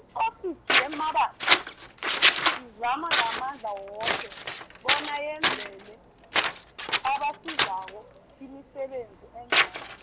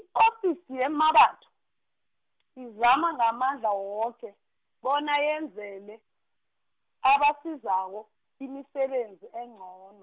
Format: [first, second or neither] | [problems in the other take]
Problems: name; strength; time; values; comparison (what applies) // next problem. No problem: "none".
second | background sound (Scissors); 4 dB above the speech